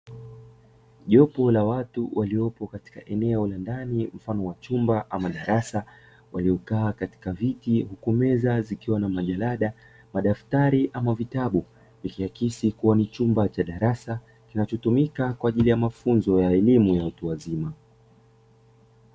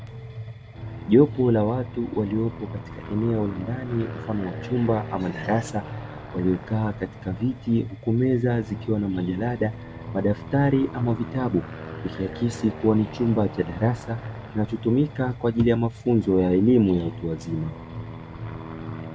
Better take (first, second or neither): first